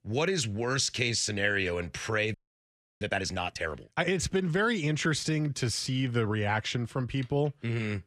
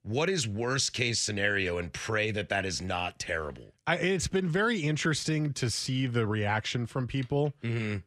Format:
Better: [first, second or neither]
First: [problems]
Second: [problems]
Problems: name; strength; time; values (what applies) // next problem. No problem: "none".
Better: second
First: audio freezing; at 2.5 s for 0.5 s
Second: none